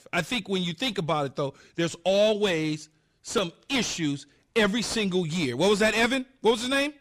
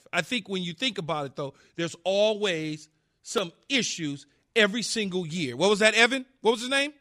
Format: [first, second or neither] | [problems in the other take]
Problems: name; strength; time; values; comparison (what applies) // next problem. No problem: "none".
second | distortion; heavy; 7 dB below the speech